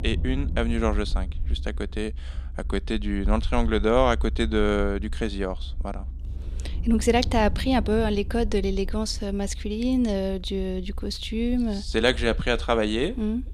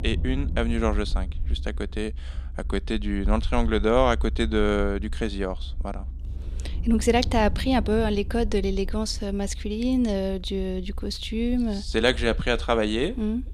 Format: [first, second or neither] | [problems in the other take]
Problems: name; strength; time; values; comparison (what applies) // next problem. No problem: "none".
neither | low rumble; faint; throughout; 25 dB below the speech; the same in both